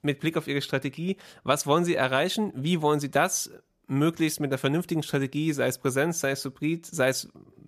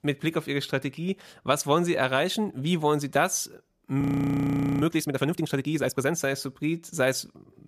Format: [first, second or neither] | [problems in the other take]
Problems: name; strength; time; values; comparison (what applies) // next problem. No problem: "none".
first | audio freezing; at 4 s for 1 s